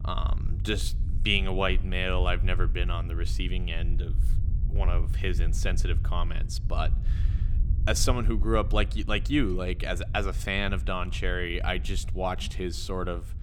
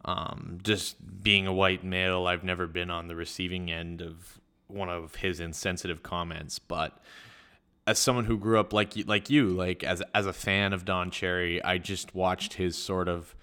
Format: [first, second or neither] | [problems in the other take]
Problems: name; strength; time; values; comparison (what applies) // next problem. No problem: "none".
second | low rumble; noticeable; throughout; 20 dB below the speech